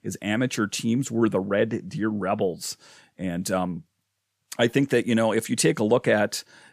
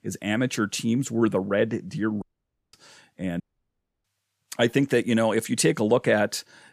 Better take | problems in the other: first | audio cutting out; at 2 s for 0.5 s and at 3.5 s for 0.5 s

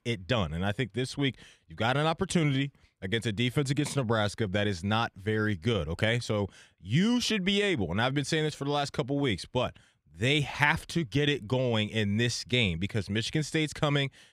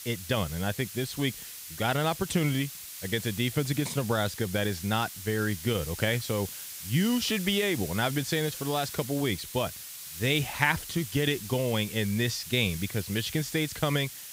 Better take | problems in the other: first | hiss; loud; throughout; 9 dB below the speech

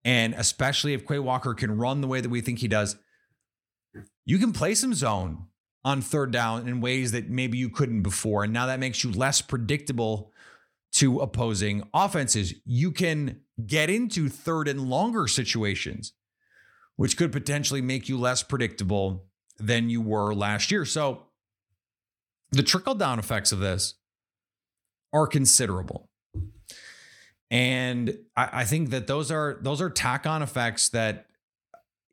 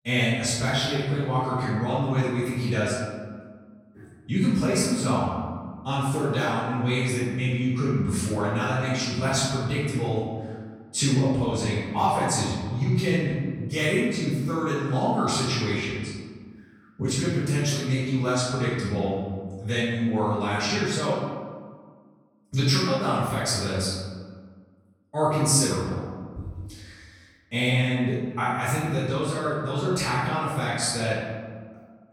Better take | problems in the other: first | off-mic speech; far // room echo; strong; dies away in 1.5 s

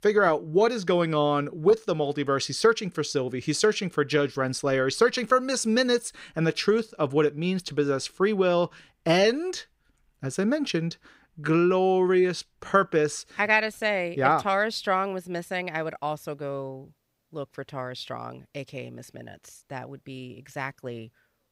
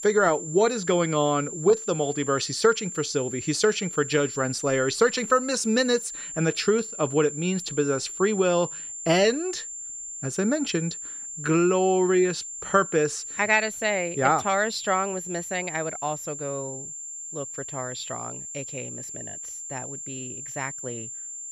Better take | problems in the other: first | high-pitched whine; loud; throughout; 7.5 kHz, 9 dB below the speech

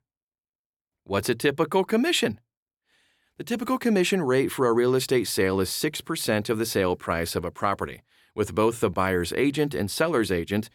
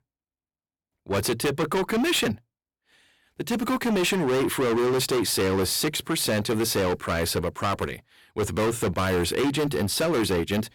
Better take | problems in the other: first | distortion; heavy; 22% of the sound clipped

